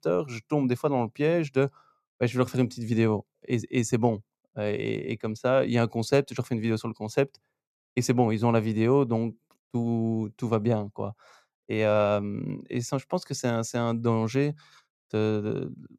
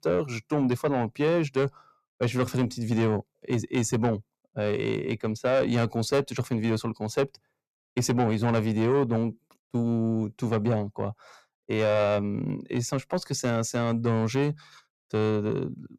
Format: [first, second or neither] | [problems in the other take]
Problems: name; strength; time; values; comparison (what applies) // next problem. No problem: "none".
first | distortion; slight; 10 dB below the speech